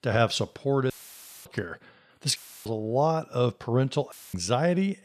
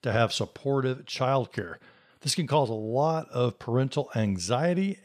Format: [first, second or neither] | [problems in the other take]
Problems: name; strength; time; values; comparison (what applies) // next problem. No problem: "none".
second | audio cutting out; filled with static; at 1 s for 0.5 s, at 2.5 s and at 4 s